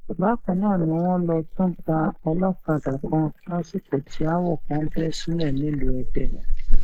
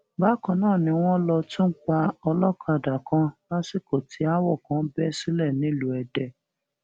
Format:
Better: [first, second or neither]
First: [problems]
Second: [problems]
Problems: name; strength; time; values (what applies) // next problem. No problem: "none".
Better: second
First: noise reduction (neural mask model Resemble Enhance denoiser)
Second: none